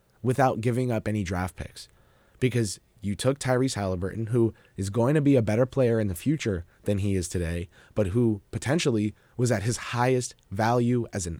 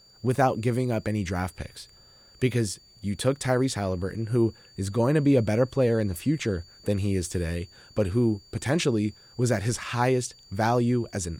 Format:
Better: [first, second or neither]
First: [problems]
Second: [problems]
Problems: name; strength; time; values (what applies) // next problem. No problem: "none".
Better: first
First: none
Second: high-pitched whine; faint; throughout; 4.5 kHz, 25 dB below the speech